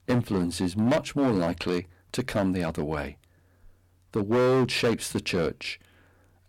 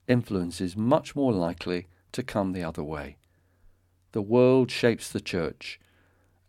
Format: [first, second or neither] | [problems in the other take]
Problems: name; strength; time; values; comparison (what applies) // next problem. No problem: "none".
second | distortion; heavy; 8% of the sound clipped